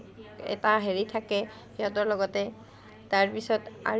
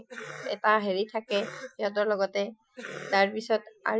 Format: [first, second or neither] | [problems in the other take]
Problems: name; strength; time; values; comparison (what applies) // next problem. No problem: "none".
first | noise reduction (classical method Wiener filter)